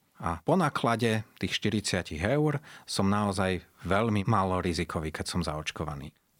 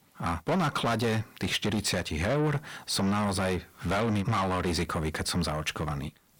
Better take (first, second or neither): first